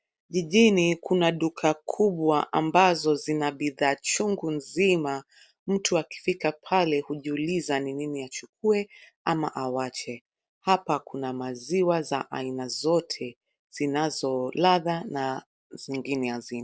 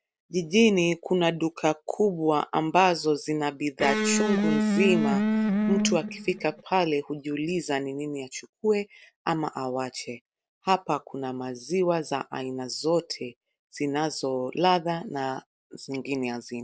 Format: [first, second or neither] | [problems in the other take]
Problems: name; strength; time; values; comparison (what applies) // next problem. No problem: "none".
first | background sound (Electric guitar); 2 dB above the speech